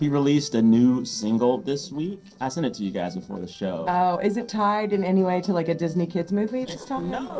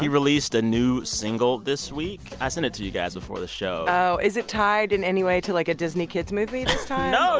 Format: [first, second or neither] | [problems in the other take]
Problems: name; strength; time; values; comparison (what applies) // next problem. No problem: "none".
second | noise reduction (neural separator model SepFormer DNS4)